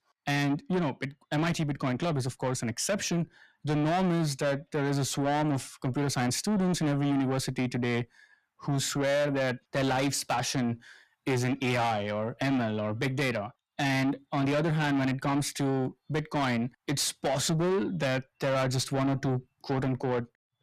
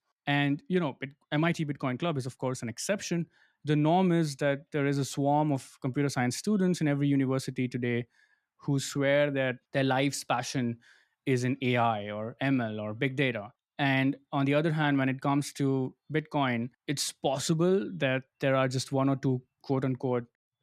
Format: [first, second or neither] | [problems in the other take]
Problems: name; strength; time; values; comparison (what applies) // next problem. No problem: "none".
second | distortion; heavy; 7 dB below the speech